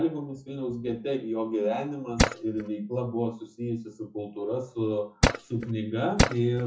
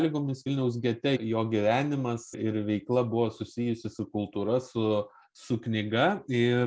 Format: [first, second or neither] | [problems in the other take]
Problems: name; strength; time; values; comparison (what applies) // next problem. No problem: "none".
second | noise reduction (classical method WPE with log-MMSE)